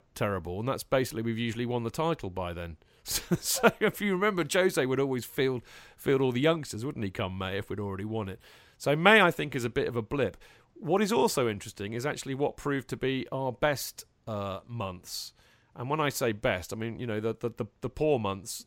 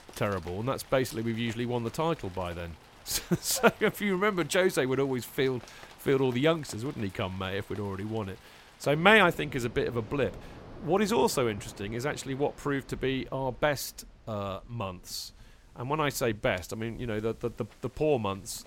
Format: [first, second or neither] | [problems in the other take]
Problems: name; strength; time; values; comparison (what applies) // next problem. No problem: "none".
first | rain or running water; faint; throughout; 20 dB below the speech